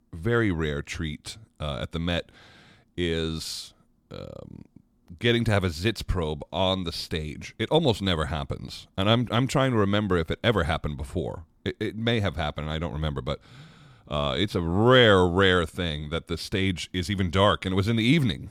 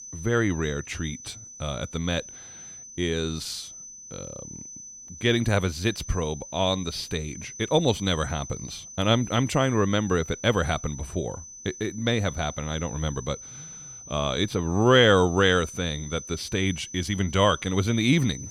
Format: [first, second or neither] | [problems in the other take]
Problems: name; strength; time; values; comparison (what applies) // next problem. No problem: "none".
first | high-pitched whine; noticeable; throughout; 6 kHz, 15 dB below the speech